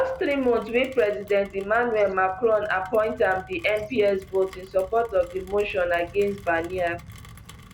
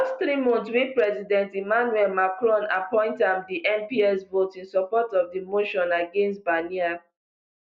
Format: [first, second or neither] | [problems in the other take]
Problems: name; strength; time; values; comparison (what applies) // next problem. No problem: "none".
second | background sound (Rain); 20 dB below the speech